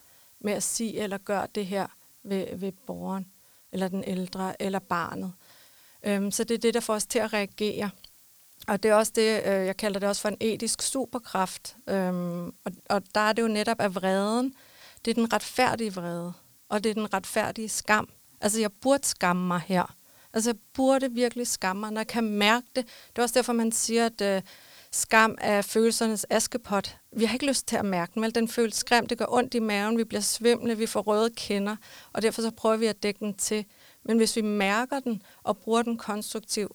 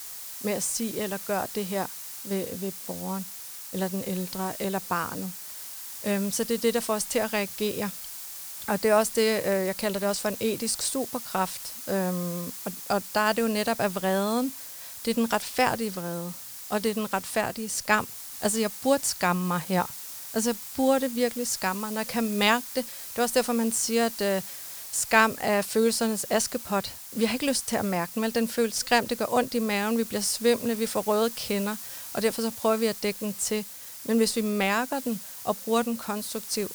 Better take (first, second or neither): first